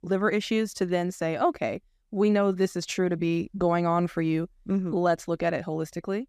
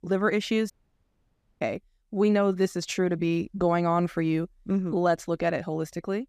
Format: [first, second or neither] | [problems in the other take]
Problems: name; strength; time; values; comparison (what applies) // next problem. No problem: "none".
first | audio cutting out; at 0.5 s for 1 s